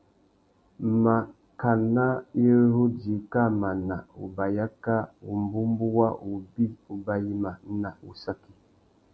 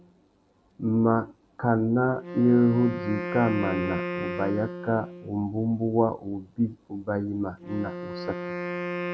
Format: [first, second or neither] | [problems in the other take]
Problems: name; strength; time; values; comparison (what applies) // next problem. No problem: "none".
first | background sound (Wind instrument, woodwind instrument); 9 dB below the speech